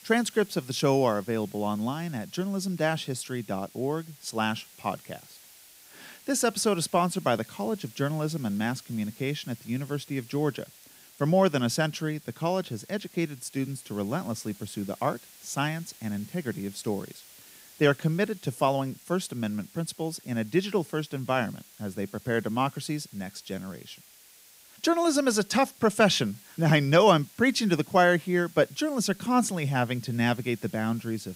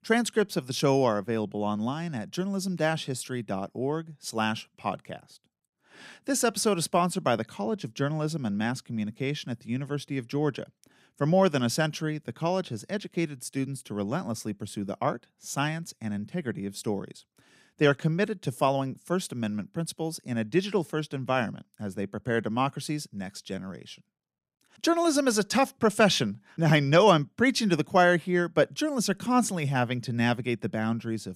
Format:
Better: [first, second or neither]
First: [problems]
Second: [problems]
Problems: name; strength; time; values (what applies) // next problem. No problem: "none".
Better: second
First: hiss; faint; throughout; 20 dB below the speech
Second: none